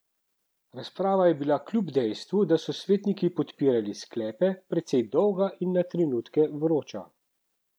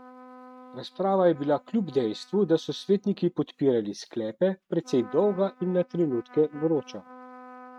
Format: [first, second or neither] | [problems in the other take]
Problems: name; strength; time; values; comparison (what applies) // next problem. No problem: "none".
first | noise reduction (neural mask model RNNoise)